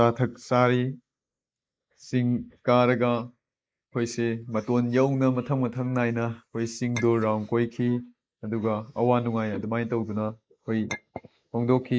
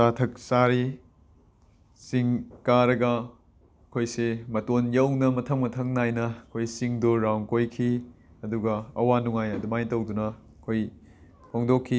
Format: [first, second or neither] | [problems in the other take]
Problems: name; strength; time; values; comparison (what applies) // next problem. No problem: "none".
second | noise reduction (neural mask model Resemble Enhance denoiser)